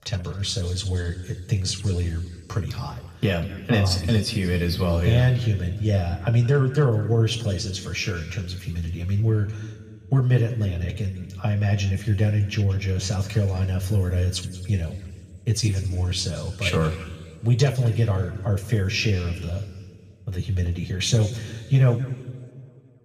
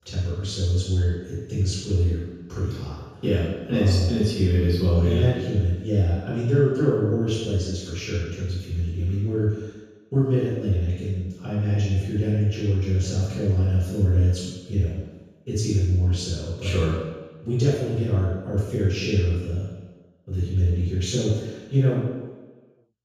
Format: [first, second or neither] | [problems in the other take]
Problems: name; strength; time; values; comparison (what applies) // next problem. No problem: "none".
first | room echo; strong; dies away in 1.2 s; slight in the first // off-mic speech; far; somewhat distant in the first